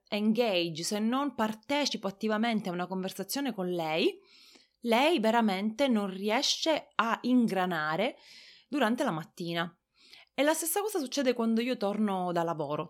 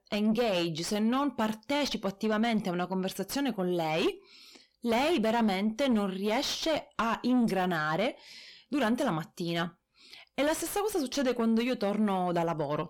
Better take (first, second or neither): first